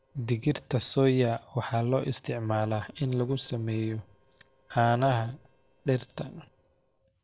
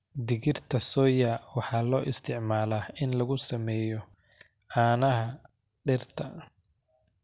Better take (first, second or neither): second